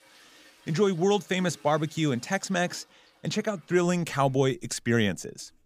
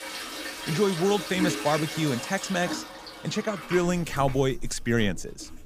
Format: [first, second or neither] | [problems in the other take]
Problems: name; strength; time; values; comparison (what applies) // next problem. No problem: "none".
first | household noises; loud; throughout; 7 dB below the speech; faint in the first